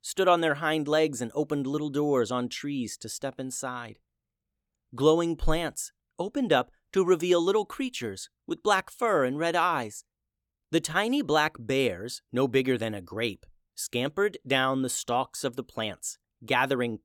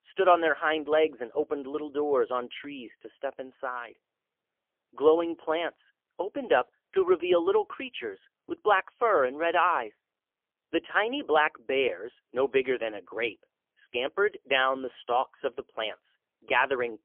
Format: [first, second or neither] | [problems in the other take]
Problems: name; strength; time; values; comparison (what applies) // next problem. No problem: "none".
first | phone-call audio; poor line; nothing above 3.5 kHz